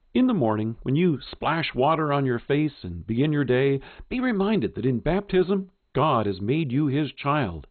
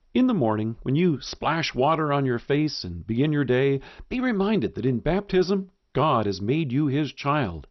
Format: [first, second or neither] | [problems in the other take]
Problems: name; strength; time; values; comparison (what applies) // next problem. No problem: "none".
second | garbled, watery; badly; nothing above 4 kHz; slightly in the second